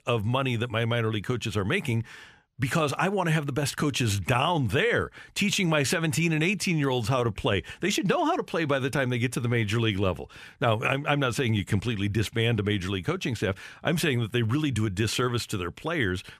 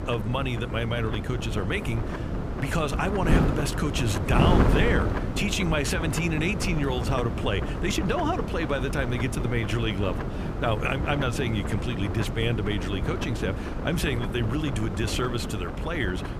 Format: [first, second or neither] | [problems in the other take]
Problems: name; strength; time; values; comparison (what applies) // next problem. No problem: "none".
first | wind noise on the microphone; heavy; 5 dB below the speech